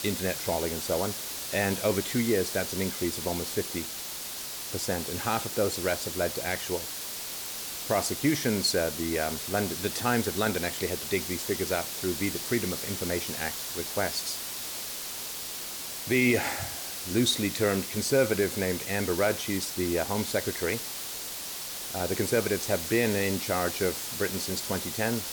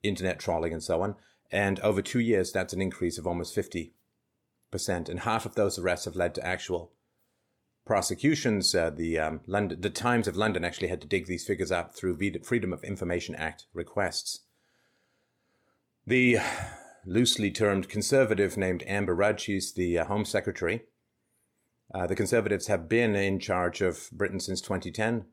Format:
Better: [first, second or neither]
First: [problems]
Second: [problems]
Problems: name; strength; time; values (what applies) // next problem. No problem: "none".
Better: second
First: hiss; loud; throughout; 4 dB below the speech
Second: none